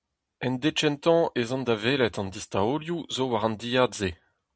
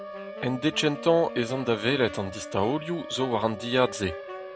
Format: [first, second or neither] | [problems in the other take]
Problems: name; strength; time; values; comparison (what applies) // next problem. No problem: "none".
first | background sound (Wind instrument, woodwind instrument + Siren); 11 dB below the speech